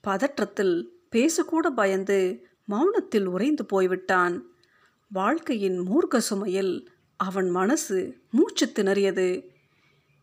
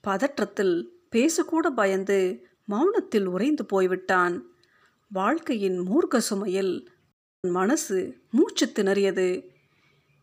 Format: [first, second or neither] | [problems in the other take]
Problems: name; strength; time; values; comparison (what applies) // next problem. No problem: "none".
first | audio cutting out; at 7 s